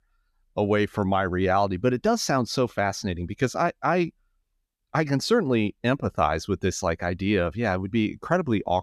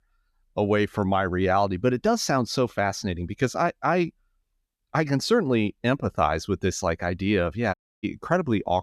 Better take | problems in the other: first | audio cutting out; at 7.5 s

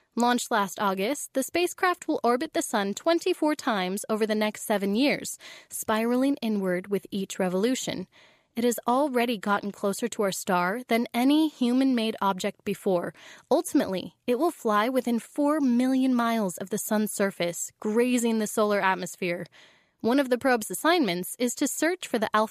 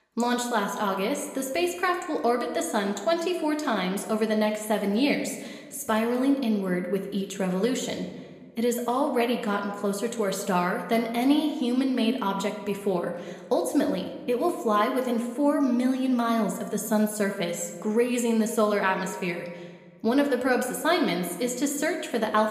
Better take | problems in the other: first | room echo; slight; dies away in 1 s

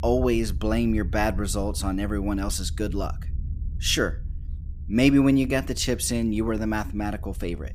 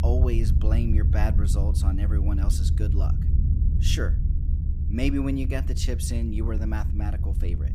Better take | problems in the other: first | low rumble; loud; throughout; 6 dB below the speech; faint in the first

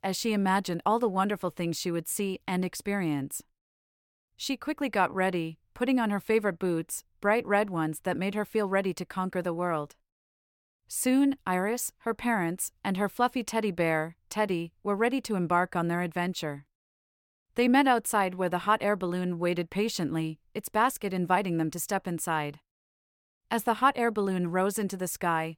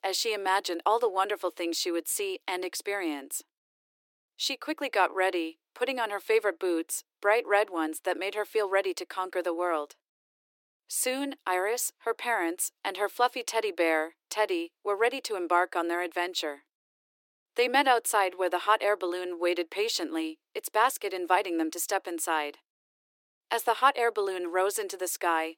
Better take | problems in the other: first | thin; very; fading below 300 Hz

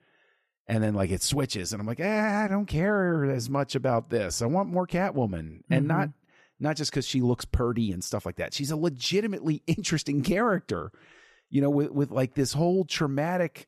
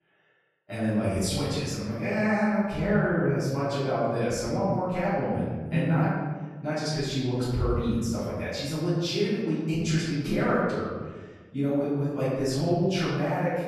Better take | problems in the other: first | room echo; strong; dies away in 1.3 s // off-mic speech; far

